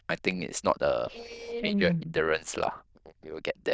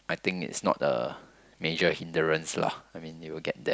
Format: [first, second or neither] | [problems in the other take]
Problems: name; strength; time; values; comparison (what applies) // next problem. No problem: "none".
second | noise reduction (neural diffusion model UNIVERSE++)